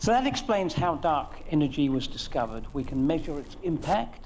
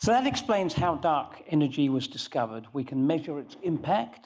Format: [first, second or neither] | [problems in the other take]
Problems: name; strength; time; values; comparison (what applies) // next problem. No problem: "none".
second | background sound (Zipper (clothing)); 12 dB below the speech